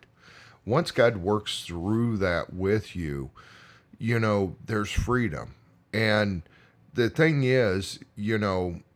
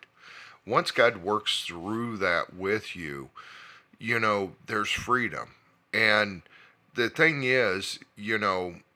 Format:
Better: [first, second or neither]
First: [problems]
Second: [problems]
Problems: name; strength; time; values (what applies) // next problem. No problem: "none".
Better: first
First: none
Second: thin; somewhat; fading below 450 Hz